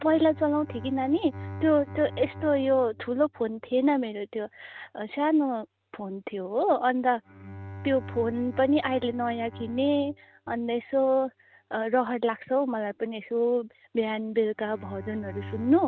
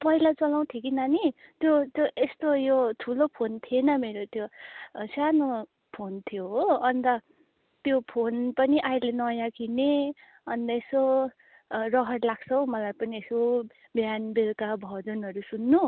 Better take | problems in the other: second | noise reduction (neural mask model RNNoise)

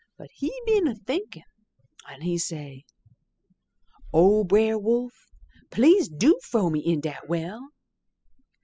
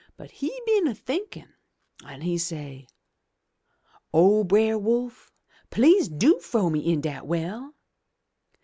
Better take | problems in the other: second | noise reduction (classical method spectral subtraction)

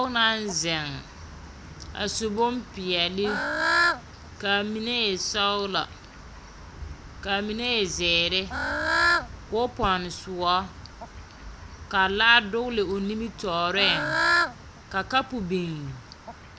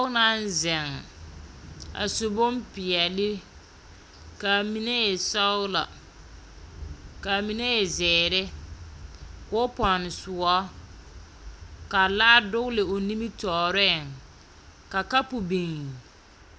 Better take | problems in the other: second | background sound (Bird / Fowl); 4 dB below the speech

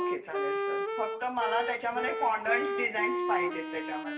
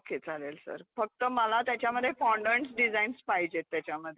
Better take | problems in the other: second | background sound (Wind instrument, woodwind instrument); as loud as the speech // room echo; dies away in 0.8 s

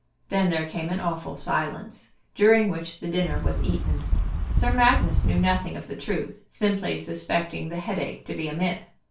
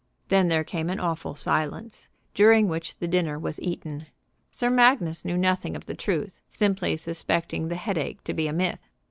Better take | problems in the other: second | background sound (Wind); 2 dB above the speech // room echo; dies away in 0.3 s

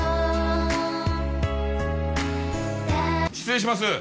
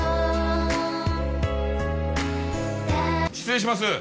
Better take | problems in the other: first | background sound (Bird); 15 dB below the speech

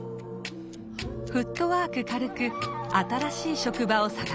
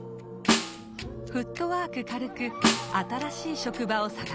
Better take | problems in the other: first | background sound (Snare drum); 1 dB above the speech

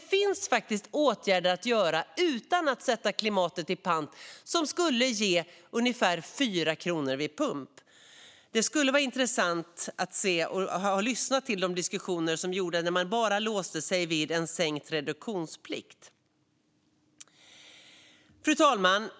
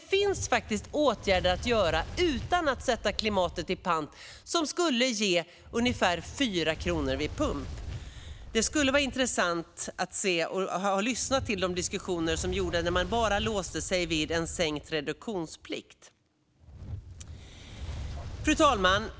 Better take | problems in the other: first | background sound (Fire); 12 dB below the speech

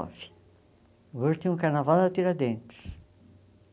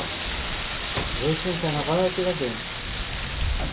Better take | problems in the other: first | background sound (Rain); as loud as the speech // room echo; dies away in 0.2 s

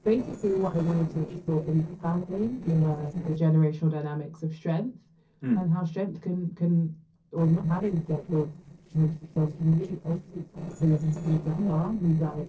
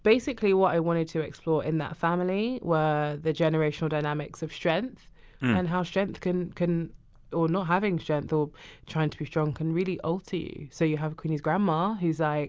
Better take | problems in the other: second | noise reduction (neural separator model SepFormer DNS4)

